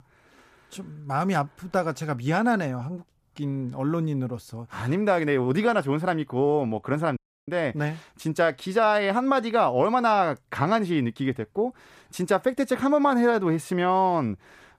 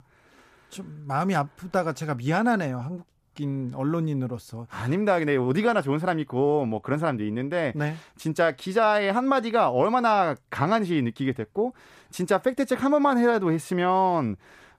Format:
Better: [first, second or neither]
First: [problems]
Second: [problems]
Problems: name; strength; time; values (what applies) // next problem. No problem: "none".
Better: second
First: audio cutting out; at 7 s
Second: none